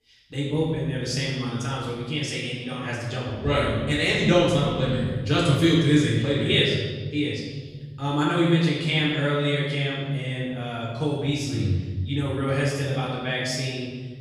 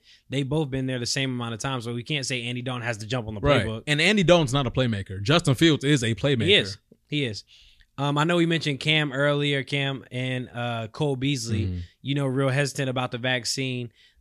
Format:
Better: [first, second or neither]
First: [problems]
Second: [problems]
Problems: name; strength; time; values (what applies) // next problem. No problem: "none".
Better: second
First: off-mic speech; far // room echo; noticeable; dies away in 1.6 s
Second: none